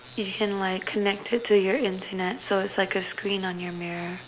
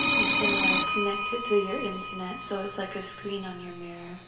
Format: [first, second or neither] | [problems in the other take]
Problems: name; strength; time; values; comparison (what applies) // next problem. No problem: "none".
first | background sound (Telephone); 3 dB above the speech // room echo; dies away in 0.8 s